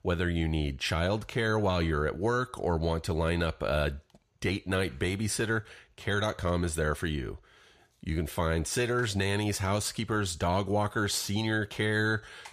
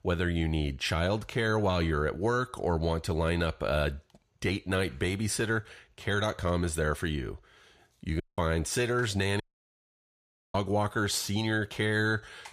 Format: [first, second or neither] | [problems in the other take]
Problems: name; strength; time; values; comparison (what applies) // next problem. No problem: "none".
first | audio cutting out; at 8 s and at 9.5 s for 1 s